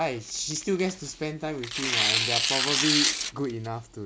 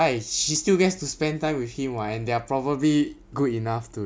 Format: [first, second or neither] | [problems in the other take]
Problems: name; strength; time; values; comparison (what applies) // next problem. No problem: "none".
second | background sound (Tearing); 2 dB above the speech